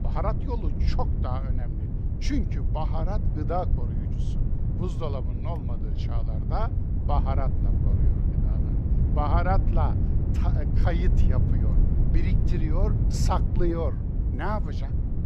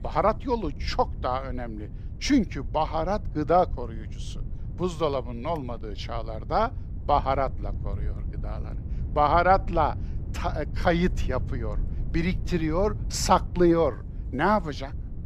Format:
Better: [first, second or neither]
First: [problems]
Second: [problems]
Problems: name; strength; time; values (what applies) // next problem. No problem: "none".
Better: second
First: wind noise on the microphone; heavy; 7 dB below the speech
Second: wind noise on the microphone; occasional gusts; 25 dB below the speech